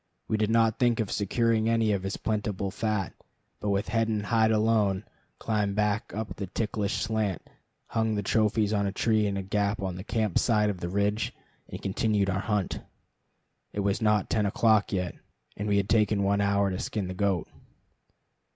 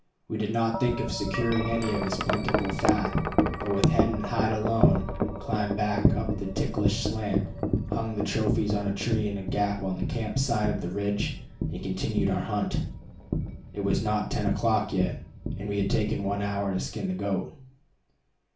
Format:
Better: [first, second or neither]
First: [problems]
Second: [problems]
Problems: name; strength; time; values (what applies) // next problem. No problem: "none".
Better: first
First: none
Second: background sound (Wind chime); 1 dB below the speech // room echo; dies away in 0.3 s